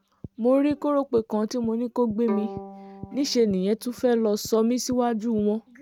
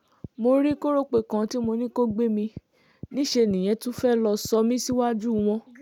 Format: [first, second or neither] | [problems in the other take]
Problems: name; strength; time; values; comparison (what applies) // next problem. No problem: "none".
second | noise reduction (neural mask model RNNoise)